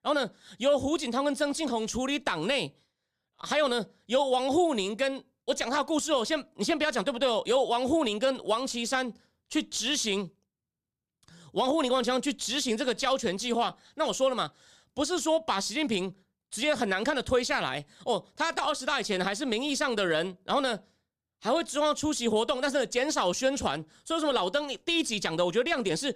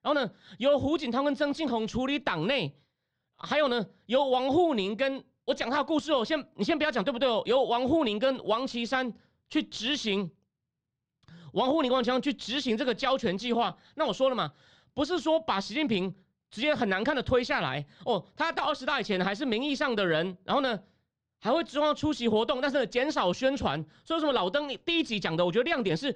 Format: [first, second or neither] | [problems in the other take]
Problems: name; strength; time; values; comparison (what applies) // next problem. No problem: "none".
first | muffled; very slightly; fading above 4 kHz